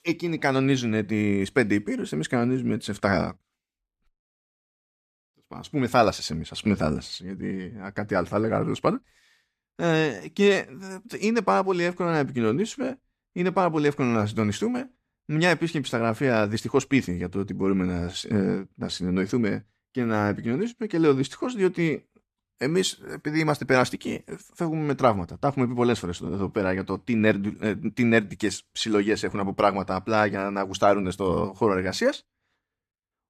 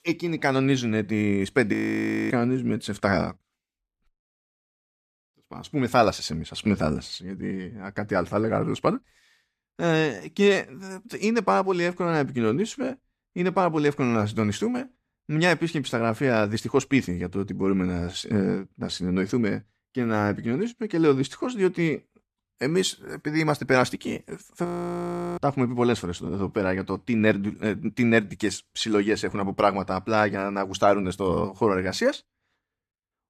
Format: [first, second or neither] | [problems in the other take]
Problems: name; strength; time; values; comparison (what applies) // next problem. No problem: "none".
first | audio freezing; at 1.5 s for 0.5 s and at 25 s for 0.5 s